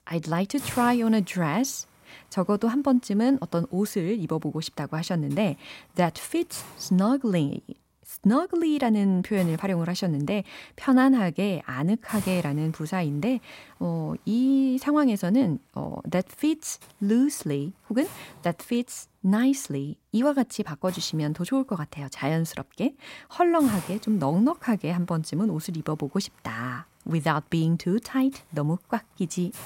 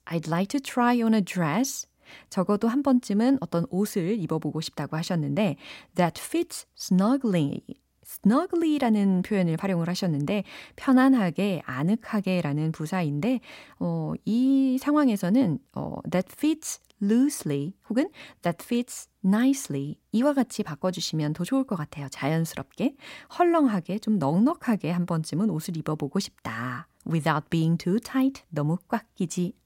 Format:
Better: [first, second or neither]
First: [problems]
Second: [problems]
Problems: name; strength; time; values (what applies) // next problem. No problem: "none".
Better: second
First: hiss; noticeable; throughout; 20 dB below the speech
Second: none